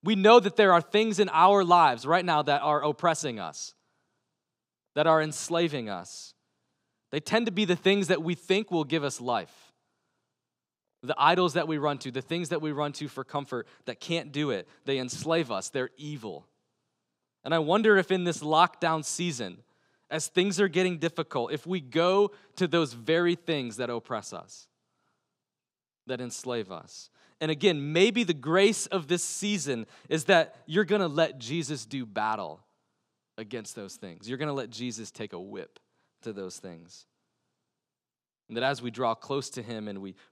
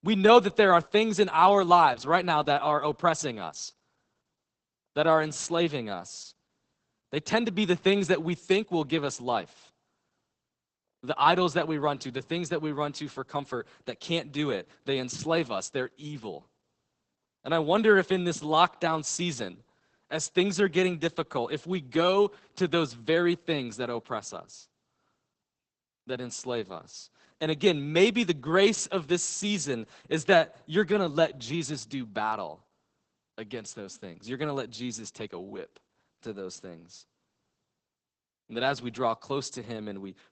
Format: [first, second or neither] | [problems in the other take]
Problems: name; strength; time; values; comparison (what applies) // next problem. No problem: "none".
first | garbled, watery; badly; nothing above 8 kHz